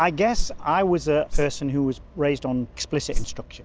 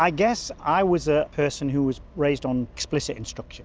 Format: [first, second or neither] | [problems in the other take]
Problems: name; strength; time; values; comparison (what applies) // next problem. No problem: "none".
second | background sound (Whoosh, swoosh, swish); as loud as the speech